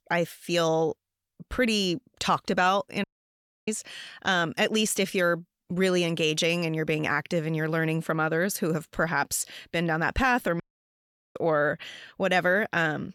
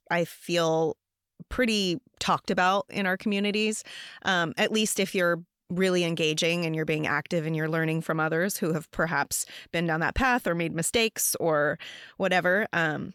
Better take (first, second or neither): second